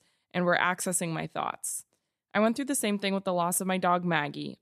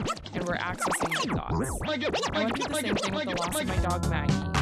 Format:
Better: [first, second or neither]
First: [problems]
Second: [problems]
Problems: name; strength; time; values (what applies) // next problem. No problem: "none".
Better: first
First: none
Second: background music; very loud; throughout; 5 dB above the speech